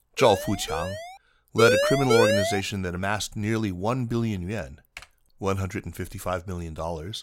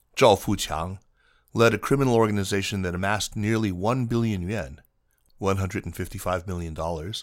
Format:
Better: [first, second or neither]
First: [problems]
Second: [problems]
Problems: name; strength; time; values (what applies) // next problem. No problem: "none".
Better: second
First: siren; noticeable; at the start; peak 7 dB below the speech // siren; loud; from 1.5 to 2.5 s; peak 6 dB above the speech // keyboard typing; faint; at 5 s; peak 20 dB below the speech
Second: none